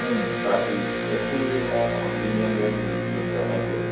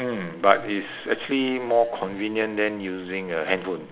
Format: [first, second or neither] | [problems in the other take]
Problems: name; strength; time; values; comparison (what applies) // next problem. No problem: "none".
second | background sound (Electric guitar); as loud as the speech // room echo; dies away in 0.6 s